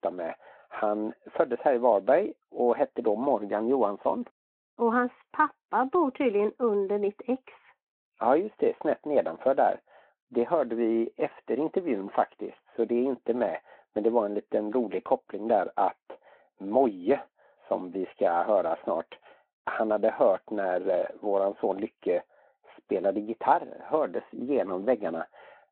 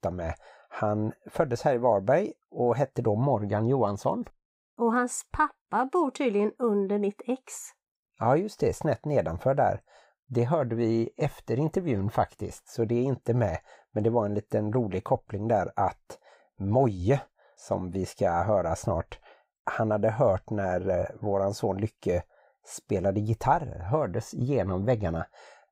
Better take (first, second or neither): second